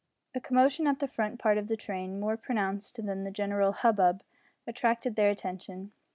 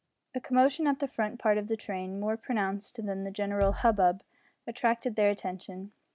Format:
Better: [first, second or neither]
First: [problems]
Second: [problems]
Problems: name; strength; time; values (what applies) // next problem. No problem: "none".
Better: first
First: none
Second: background sound (Bass drum); 12 dB below the speech